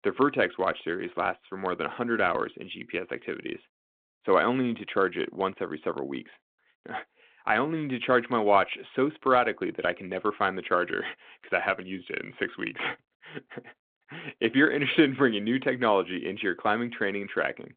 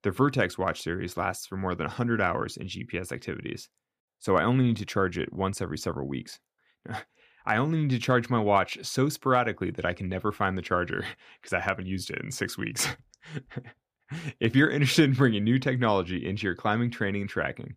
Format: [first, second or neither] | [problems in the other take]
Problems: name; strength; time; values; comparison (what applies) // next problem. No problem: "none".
second | phone-call audio